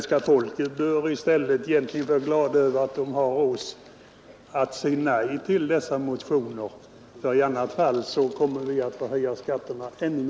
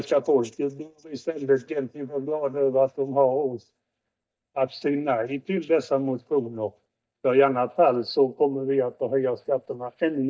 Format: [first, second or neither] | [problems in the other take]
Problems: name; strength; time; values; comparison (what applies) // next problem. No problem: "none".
first | noise reduction (neural mask model DeepFilterNet 3)